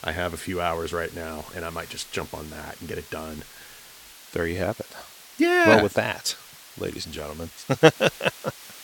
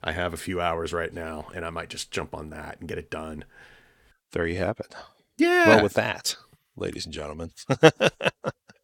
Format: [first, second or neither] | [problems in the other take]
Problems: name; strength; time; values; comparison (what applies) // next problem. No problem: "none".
second | hiss; noticeable; throughout; 20 dB below the speech